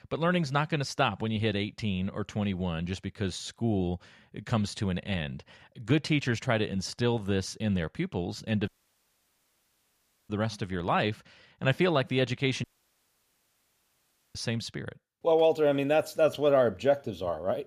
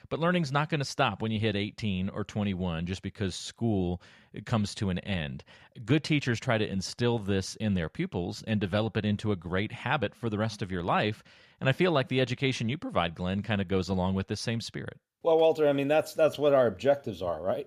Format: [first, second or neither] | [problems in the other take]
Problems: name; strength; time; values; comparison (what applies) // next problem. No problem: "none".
second | audio cutting out; at 8.5 s for 1.5 s and at 13 s for 1.5 s